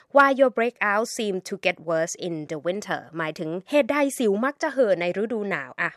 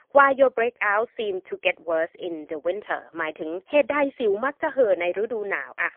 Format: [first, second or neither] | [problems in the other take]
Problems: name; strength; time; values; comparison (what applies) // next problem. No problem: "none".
first | phone-call audio; poor line